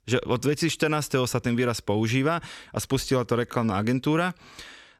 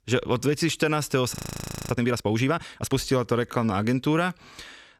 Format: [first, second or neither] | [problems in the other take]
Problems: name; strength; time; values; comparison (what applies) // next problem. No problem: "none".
first | audio freezing; at 1.5 s for 0.5 s